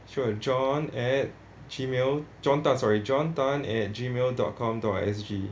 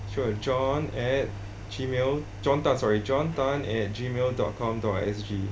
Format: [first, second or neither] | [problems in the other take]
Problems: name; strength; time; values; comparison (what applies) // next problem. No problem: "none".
first | background sound (Engine); 10 dB below the speech